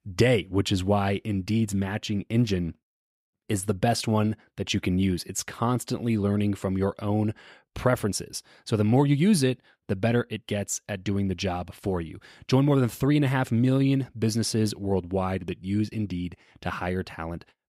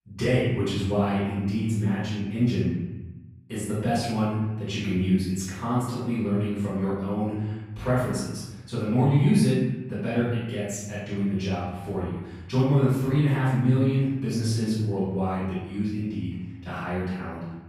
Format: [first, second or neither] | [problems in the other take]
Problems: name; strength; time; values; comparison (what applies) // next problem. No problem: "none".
first | off-mic speech; far // room echo; strong; dies away in 1.1 s